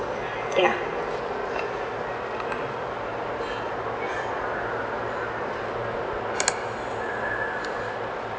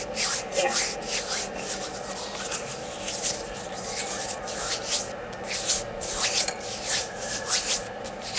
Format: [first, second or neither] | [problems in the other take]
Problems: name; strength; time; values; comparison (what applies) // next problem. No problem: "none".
first | background sound (Hands); 3 dB above the speech // room echo; dies away in 0.2 s